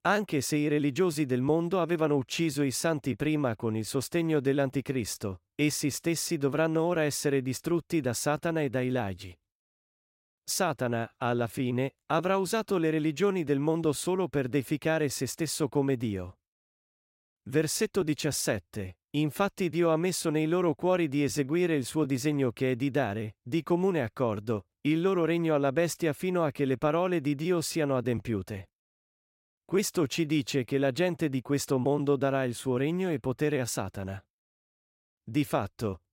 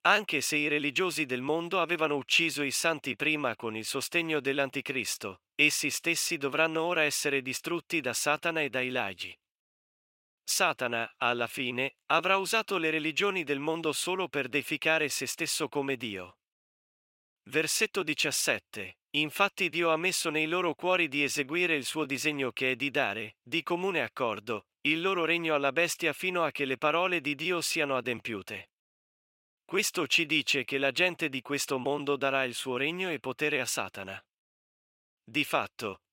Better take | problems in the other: first | thin; somewhat; fading below 1 kHz

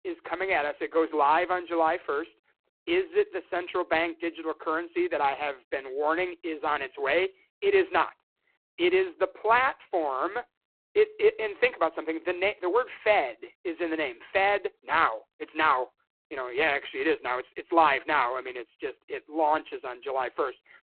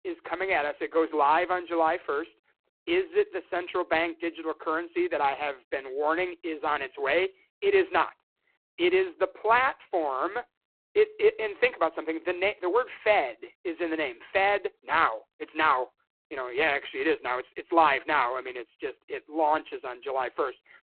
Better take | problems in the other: neither | phone-call audio; poor line; nothing above 4 kHz; the same in both

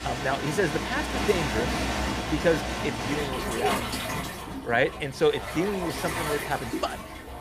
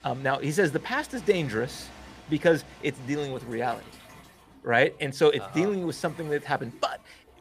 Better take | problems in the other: second | rain or running water; loud; throughout; 2 dB below the speech; faint in the second

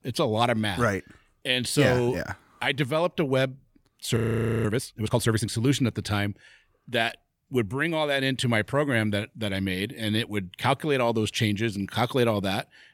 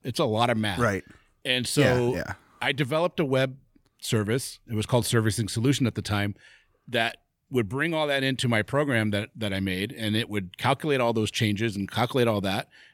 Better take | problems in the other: second | audio freezing; at 4 s

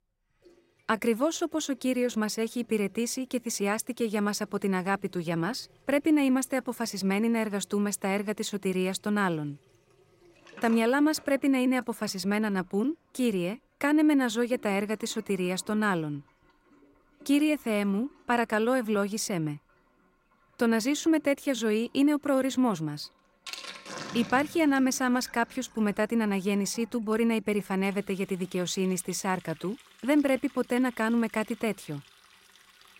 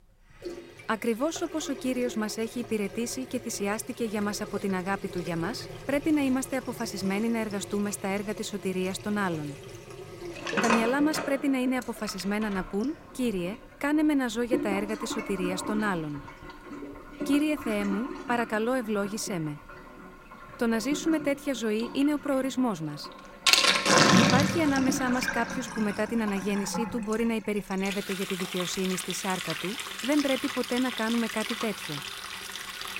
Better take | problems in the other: first | household noises; loud; throughout; 1 dB below the speech; faint in the first

